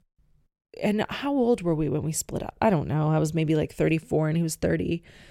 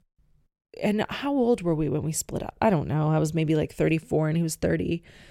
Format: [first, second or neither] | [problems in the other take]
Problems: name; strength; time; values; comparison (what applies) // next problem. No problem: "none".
neither | none